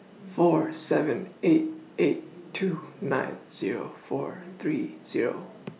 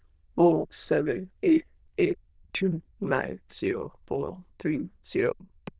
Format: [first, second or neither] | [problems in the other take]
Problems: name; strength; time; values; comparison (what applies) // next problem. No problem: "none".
first | noise reduction (neural diffusion model UNIVERSE++)